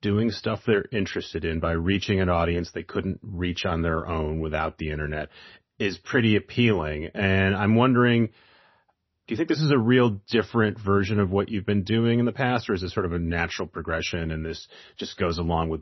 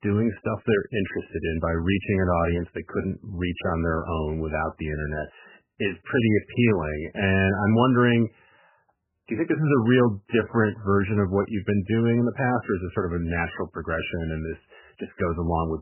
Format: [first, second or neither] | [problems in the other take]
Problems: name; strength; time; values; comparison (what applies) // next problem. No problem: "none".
first | garbled, watery; badly; nothing above 3 kHz; slightly in the first